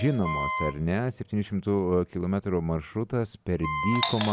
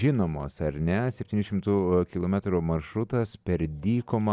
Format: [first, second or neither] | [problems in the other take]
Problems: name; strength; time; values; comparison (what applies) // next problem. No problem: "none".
second | background sound (Wind instrument, woodwind instrument + Doorbell); 7 dB below the speech